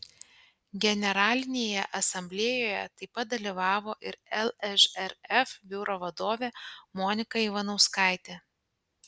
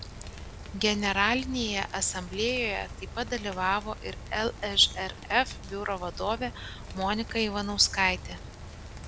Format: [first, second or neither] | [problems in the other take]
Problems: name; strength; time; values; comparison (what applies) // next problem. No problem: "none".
first | background sound (Rain); 11 dB below the speech